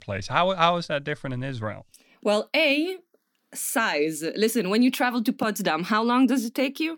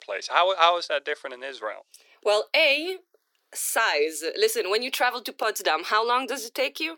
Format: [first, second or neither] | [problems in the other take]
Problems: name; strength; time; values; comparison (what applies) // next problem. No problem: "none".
first | thin; very; fading below 400 Hz